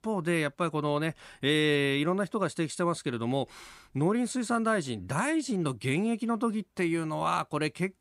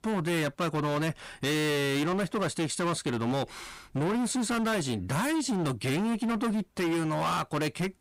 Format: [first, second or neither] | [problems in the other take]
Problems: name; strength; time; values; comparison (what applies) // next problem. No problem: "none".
first | distortion; heavy; 31% of the sound clipped